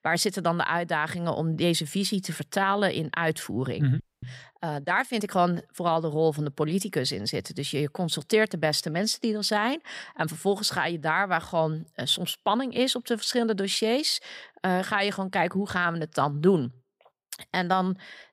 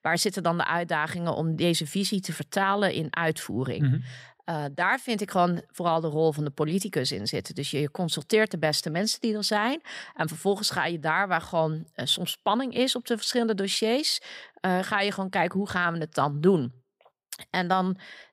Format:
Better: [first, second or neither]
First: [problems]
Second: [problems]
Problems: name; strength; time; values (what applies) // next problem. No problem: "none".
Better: second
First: audio freezing; at 4 s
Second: none